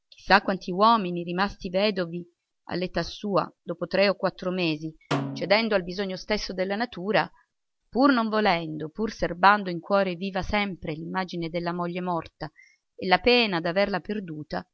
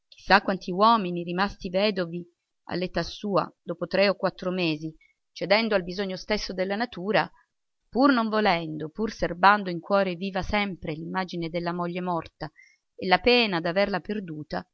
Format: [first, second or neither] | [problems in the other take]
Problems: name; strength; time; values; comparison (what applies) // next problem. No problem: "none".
second | background sound (Snare drum); 11 dB below the speech